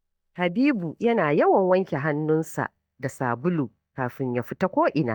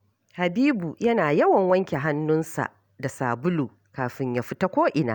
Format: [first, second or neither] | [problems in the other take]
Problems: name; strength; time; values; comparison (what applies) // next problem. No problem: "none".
second | noise reduction (neural mask model DeepFilterNet 3)